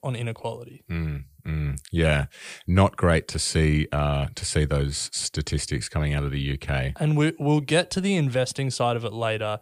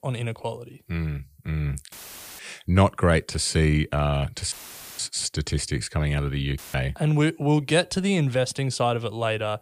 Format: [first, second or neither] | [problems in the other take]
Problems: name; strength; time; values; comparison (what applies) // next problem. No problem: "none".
first | audio cutting out; filled with static; at 2 s, at 4.5 s and at 6.5 s